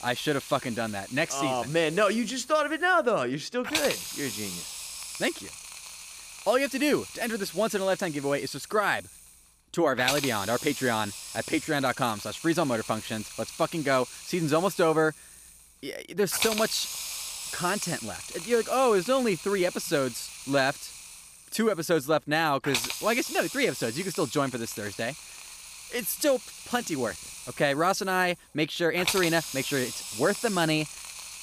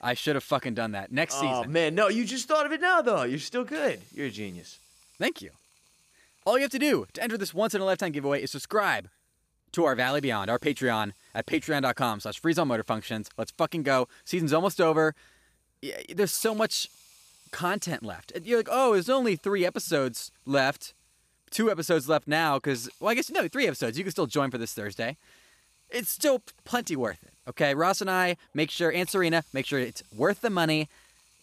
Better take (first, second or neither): second